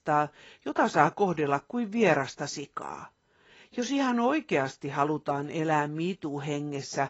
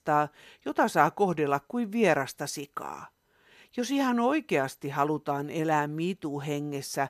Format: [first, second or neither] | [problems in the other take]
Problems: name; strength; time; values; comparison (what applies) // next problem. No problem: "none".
second | garbled, watery; badly; nothing above 7.5 kHz